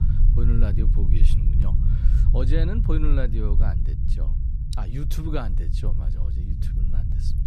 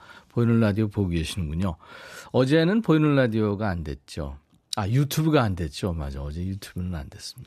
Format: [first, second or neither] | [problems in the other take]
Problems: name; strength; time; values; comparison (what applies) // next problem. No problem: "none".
second | low rumble; loud; throughout; 5 dB below the speech